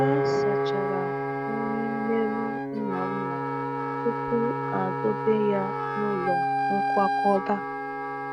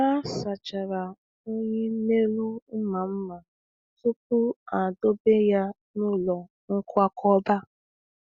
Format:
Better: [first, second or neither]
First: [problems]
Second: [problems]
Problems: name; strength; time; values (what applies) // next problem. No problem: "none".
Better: second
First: background sound (Piano + Wind instrument, woodwind instrument); 2 dB above the speech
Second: none